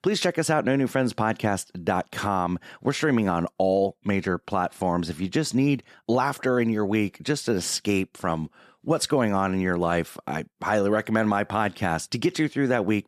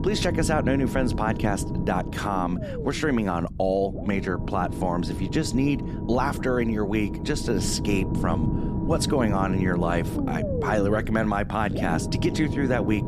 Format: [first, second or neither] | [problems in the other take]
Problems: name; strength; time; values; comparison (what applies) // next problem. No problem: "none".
first | low rumble; loud; throughout; 8 dB below the speech